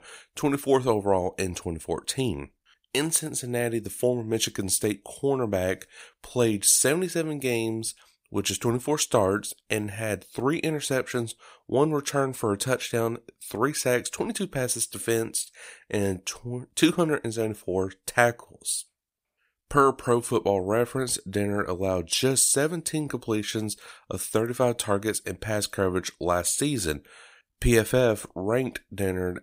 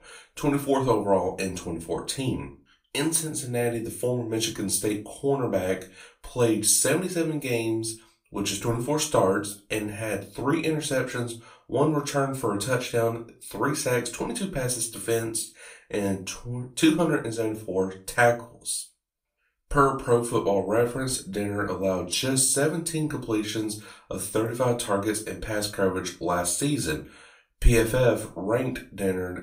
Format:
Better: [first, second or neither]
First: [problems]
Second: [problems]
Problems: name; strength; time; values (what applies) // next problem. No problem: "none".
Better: first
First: none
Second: off-mic speech; far // room echo; very slight; dies away in 0.3 s